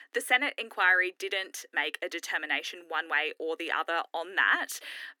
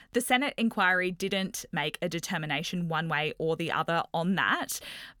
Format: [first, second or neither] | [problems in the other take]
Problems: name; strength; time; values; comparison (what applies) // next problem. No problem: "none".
second | thin; very; fading below 300 Hz